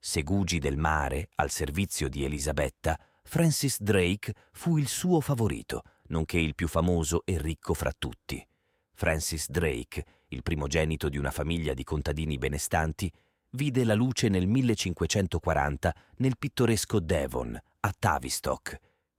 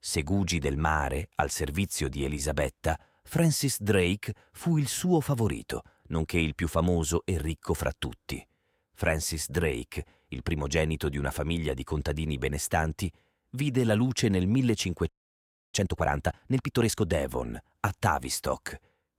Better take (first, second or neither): first